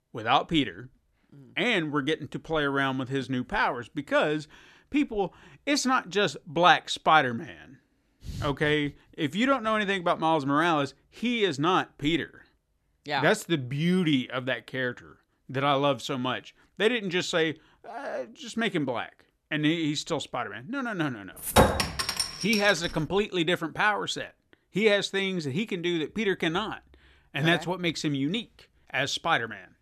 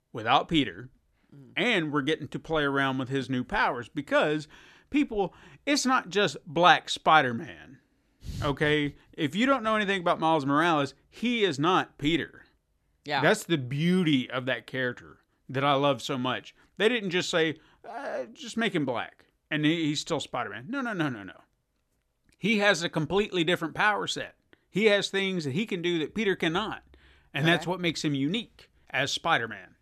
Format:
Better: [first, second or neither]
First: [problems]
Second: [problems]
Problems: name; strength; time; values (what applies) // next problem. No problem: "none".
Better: second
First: clattering dishes; loud; from 21 to 23 s; peak 6 dB above the speech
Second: none